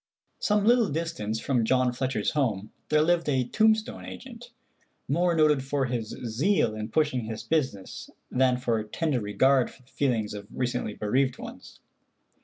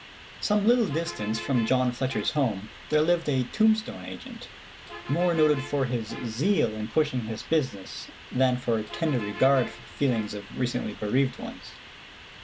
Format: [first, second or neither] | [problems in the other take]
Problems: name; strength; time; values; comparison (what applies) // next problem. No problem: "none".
first | background sound (Bus); 15 dB below the speech